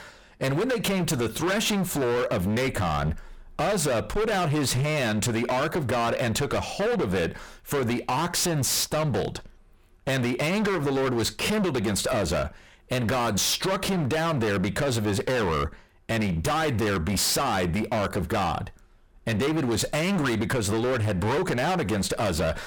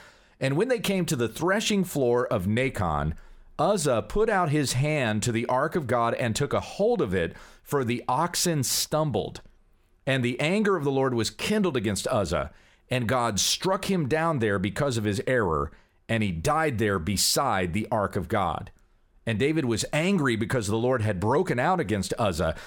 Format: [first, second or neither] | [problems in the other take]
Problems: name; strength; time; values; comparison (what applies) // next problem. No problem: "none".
second | distortion; heavy; 32% of the sound clipped